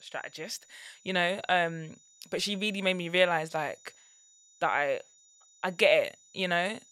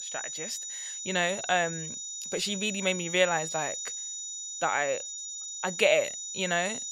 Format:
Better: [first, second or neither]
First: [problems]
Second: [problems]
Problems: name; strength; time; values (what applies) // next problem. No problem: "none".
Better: first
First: high-pitched whine; faint; throughout; 7 kHz, 30 dB below the speech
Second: high-pitched whine; loud; throughout; 7 kHz, 6 dB below the speech